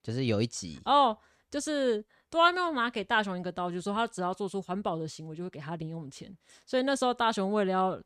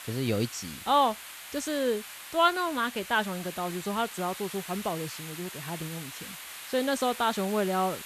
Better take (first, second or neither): first